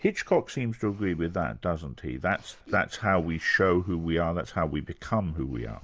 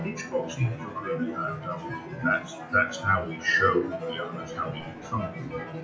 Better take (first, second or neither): first